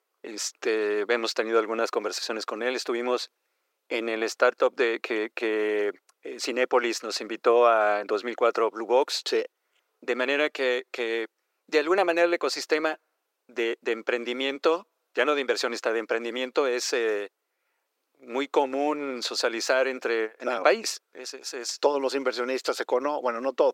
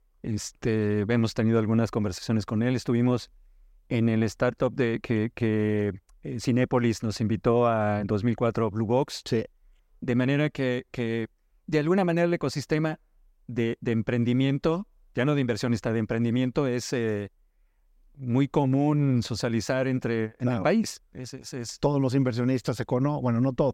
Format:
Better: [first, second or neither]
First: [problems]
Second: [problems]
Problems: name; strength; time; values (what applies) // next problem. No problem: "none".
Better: second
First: thin; very; fading below 350 Hz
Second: none